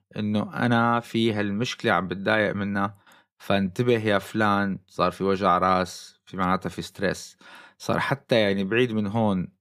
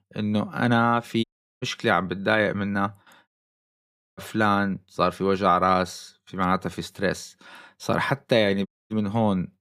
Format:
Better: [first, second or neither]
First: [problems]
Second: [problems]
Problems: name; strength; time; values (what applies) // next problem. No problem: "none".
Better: first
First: none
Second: audio cutting out; at 1 s, at 3.5 s for 1 s and at 8.5 s